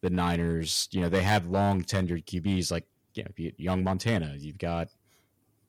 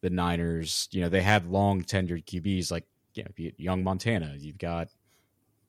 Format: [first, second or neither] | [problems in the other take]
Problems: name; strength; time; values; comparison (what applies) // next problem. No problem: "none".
second | distortion; slight; 3% of the sound clipped